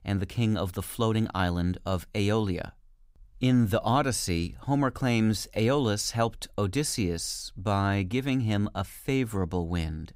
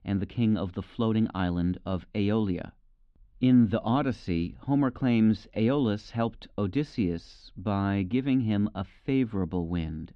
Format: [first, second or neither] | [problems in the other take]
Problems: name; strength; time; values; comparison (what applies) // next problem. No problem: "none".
first | muffled; slightly; fading above 3.5 kHz